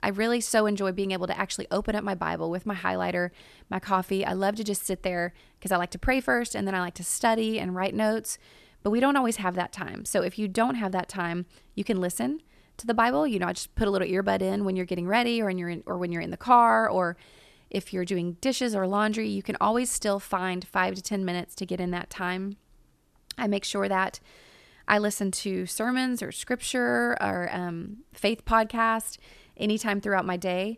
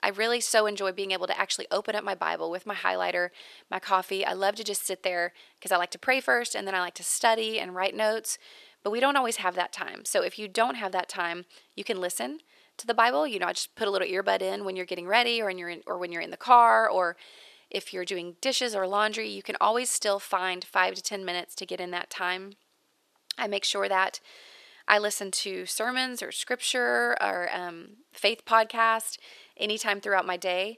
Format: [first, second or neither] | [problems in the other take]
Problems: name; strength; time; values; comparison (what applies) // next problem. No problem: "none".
first | thin; somewhat; fading below 500 Hz